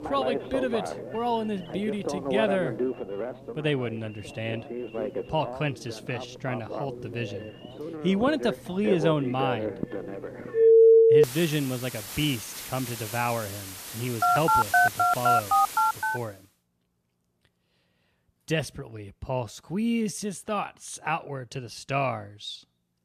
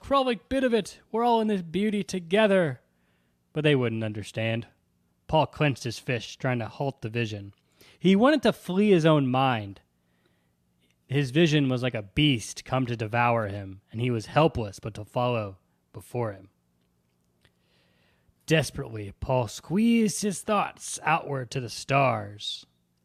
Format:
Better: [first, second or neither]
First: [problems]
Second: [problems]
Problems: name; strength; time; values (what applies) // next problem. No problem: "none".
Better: second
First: alarms or sirens; very loud; until 16 s; 5 dB above the speech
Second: none